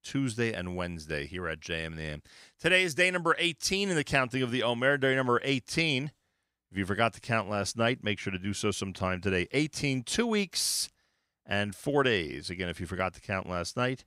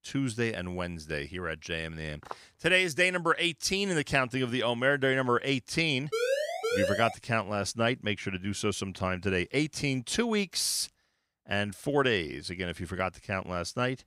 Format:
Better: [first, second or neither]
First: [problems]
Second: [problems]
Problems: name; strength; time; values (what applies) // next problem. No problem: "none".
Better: first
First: none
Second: footsteps; faint; at 2 s; peak 15 dB below the speech // siren; loud; from 6 to 7 s; peak level with the speech